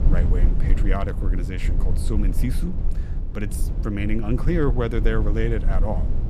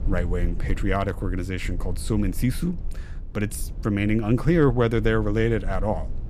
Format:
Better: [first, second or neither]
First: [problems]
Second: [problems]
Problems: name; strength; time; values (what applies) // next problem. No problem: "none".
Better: second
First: low rumble; loud; throughout; 10 dB below the speech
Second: low rumble; faint; throughout; 20 dB below the speech